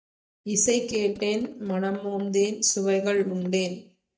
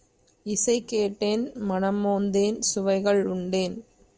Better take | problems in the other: second | noise reduction (neural mask model DeepFilterNet 3)

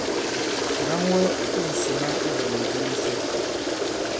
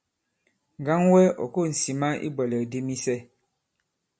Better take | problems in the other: second | background sound (Toilet flush); 5 dB above the speech

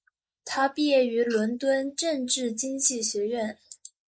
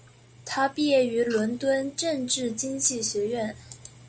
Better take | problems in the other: second | noise reduction (neural mask model Resemble Enhance denoiser)

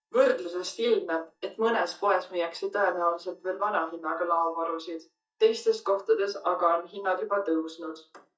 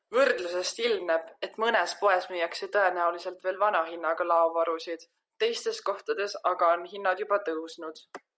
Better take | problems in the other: second | noise reduction (neural mask model DeepFilterNet 3)

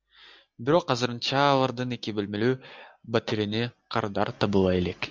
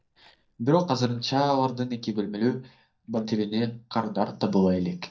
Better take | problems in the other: first | noise reduction (neural mask model DeepFilterNet 3)

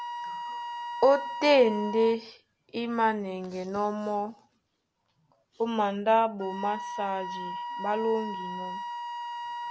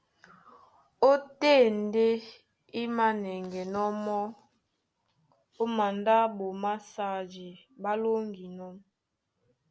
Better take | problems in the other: second | background sound (Wind instrument, woodwind instrument); 9 dB below the speech

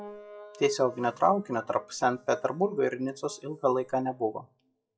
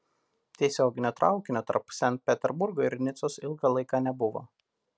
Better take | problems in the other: second | noise reduction (classical method WPE with log-MMSE)

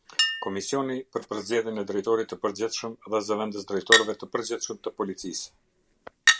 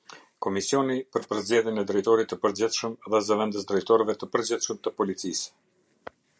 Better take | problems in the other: second | background sound (Chink, clink); 1 dB below the speech

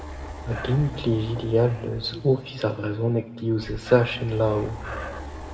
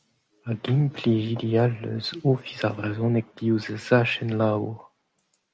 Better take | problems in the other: second | background sound (Breathing); 13 dB below the speech // room echo; dies away in 1.3 s

